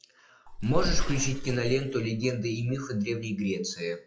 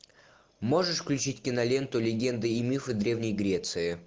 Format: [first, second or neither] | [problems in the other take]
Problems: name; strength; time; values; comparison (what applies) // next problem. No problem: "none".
second | noise reduction (classical method WPE with log-MMSE)